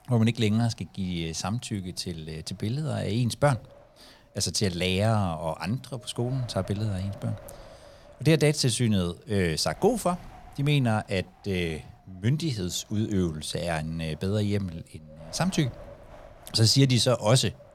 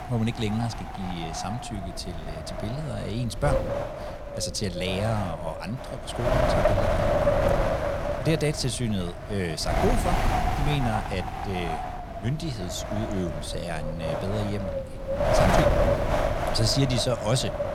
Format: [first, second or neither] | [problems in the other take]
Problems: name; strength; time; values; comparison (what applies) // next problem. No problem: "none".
first | wind noise on the microphone; heavy; 4 dB above the speech; occasional gusts in the first